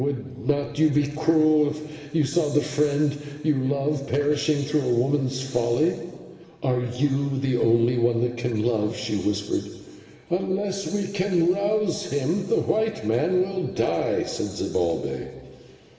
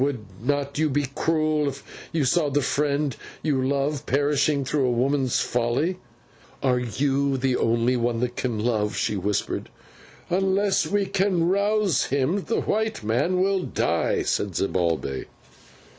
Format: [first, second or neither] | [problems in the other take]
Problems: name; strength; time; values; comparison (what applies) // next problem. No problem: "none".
second | room echo; dies away in 1.8 s